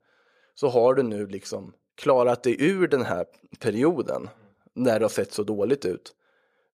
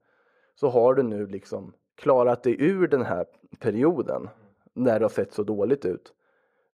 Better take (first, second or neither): first